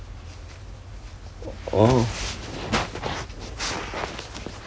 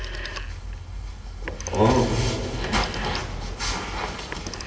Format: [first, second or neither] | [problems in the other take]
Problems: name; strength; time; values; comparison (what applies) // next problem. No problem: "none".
first | background sound (Telephone); 13 dB below the speech // room echo; dies away in 2.6 s